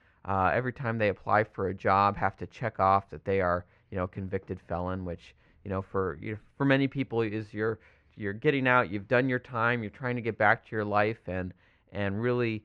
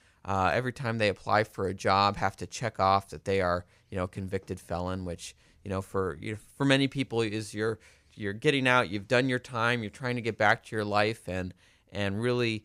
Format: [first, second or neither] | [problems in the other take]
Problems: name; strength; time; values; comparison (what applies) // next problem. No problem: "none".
second | muffled; slightly; fading above 2 kHz